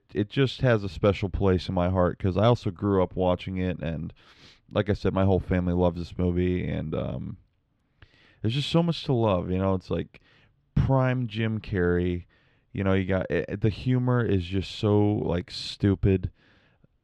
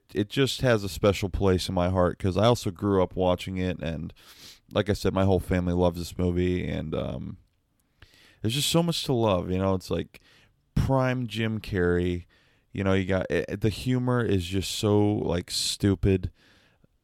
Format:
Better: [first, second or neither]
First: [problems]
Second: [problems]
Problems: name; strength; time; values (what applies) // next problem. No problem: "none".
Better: second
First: muffled; very slightly; fading above 3 kHz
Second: none